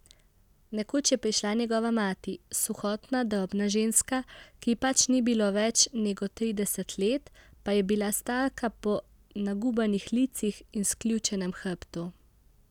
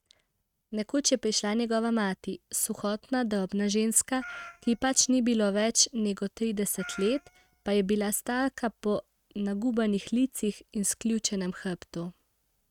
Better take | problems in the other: first | noise reduction (neural mask model RNNoise)

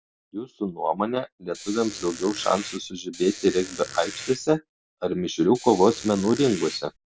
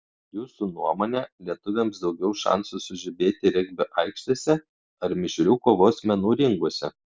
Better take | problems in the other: second | background sound (Squeak); 14 dB below the speech

